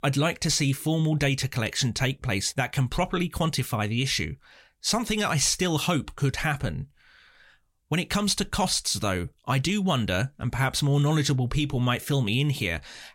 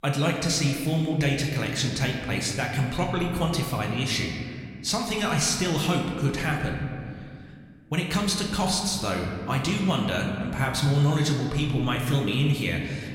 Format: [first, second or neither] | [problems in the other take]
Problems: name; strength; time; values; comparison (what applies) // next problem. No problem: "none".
first | room echo; slight; dies away in 1.9 s